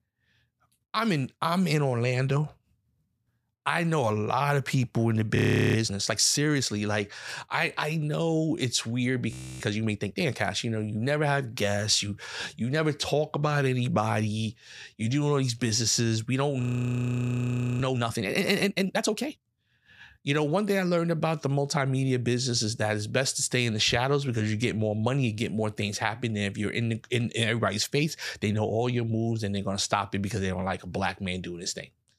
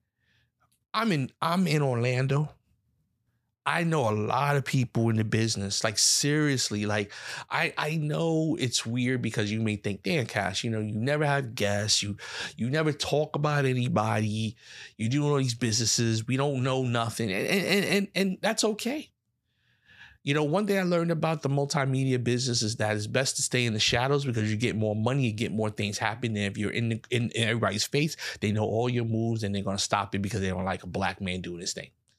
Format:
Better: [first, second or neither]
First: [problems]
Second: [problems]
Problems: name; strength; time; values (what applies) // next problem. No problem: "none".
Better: second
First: audio freezing; at 5.5 s, at 9.5 s and at 17 s for 1 s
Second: none